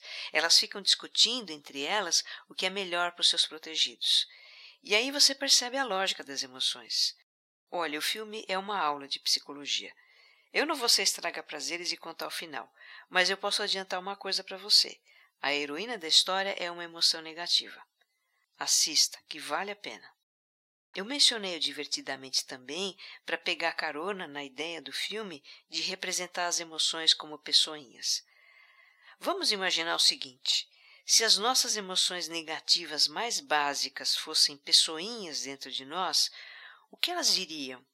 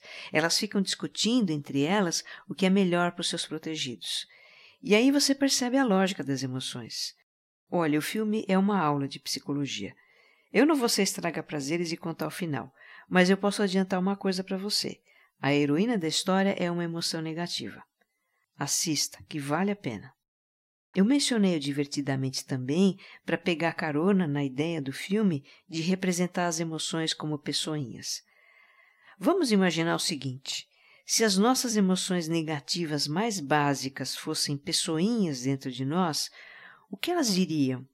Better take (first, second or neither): second